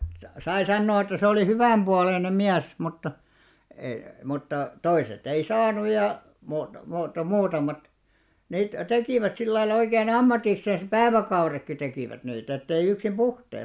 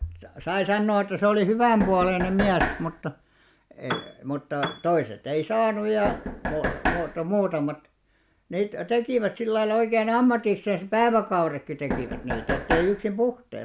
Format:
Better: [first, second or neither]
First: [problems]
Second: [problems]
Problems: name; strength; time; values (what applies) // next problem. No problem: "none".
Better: first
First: none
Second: background sound (Piano + Knock); 5 dB below the speech